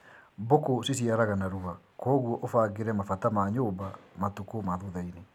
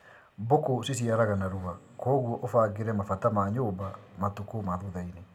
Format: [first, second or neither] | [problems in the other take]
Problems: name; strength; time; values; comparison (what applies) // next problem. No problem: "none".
first | room echo; dies away in 1.3 s